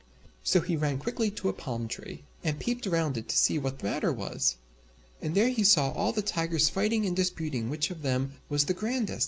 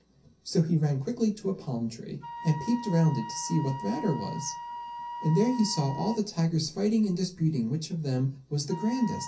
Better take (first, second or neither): first